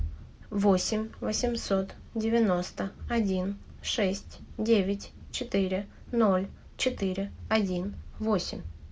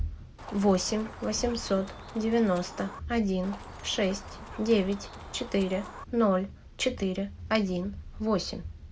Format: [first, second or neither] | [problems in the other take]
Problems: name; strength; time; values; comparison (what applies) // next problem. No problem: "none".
first | background sound (Chicken, rooster); 16 dB below the speech